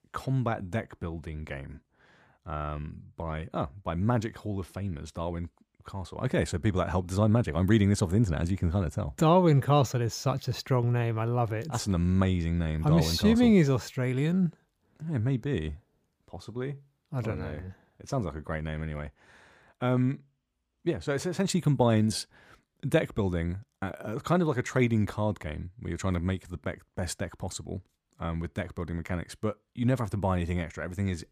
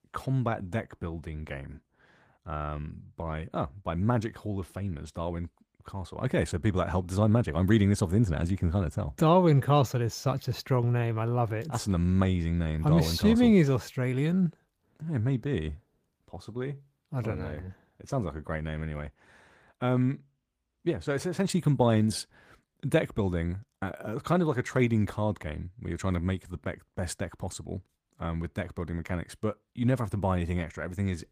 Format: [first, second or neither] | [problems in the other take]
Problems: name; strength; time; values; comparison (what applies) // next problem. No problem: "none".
first | garbled, watery; slightly; nothing above 15 kHz